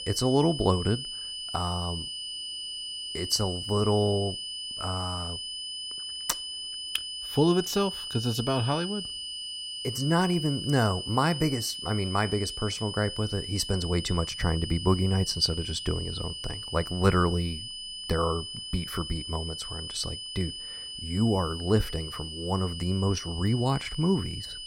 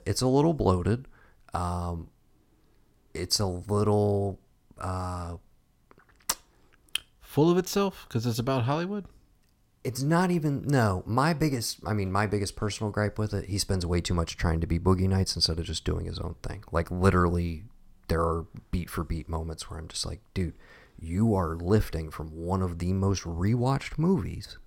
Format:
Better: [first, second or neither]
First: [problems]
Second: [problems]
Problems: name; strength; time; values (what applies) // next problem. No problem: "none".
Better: second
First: high-pitched whine; loud; throughout; 3 kHz, 6 dB below the speech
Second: none